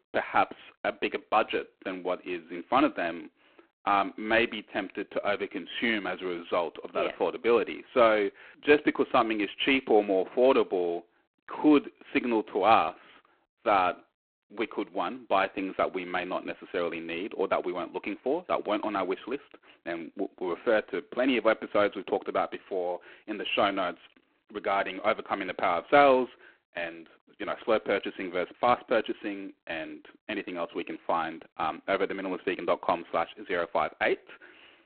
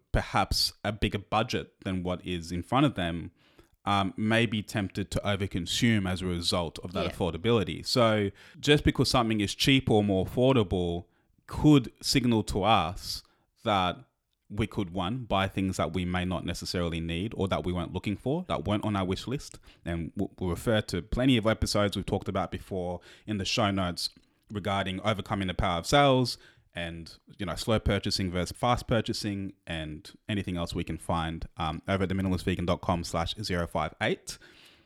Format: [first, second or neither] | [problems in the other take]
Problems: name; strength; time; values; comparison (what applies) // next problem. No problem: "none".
second | phone-call audio; poor line